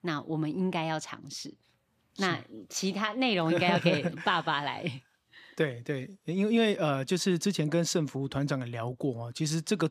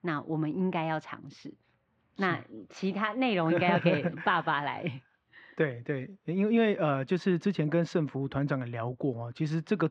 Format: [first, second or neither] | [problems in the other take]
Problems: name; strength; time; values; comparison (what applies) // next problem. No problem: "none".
first | muffled; very; fading above 2 kHz